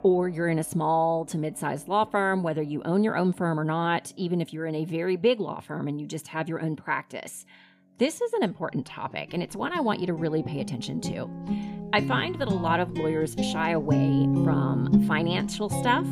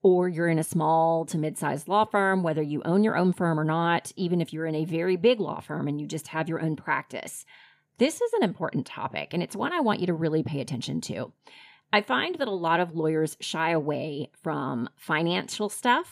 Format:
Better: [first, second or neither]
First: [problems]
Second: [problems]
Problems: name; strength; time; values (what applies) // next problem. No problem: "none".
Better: second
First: background music; loud; throughout; as loud as the speech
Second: none